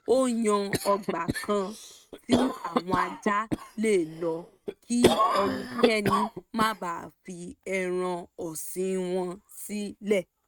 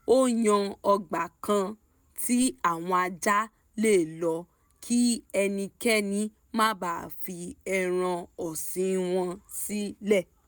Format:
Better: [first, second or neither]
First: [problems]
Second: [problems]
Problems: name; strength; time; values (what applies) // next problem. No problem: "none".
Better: second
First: noise reduction (neural mask model RNNoise)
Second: none